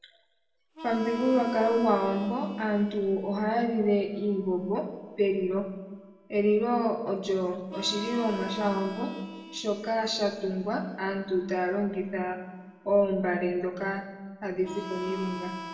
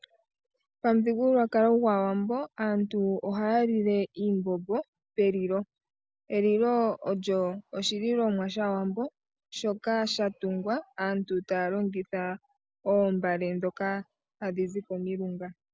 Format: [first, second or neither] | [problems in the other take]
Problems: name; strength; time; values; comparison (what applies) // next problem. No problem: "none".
second | background sound (Harmonica); 16 dB below the speech // room echo; dies away in 1 s